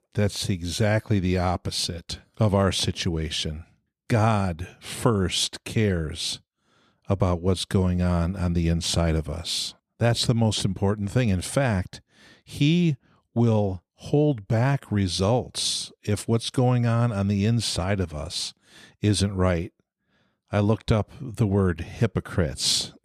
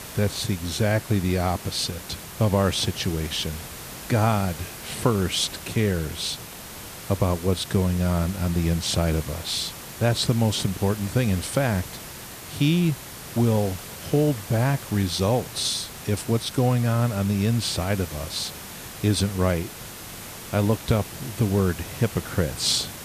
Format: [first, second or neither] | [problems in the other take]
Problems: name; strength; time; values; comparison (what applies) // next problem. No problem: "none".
first | hiss; noticeable; throughout; 10 dB below the speech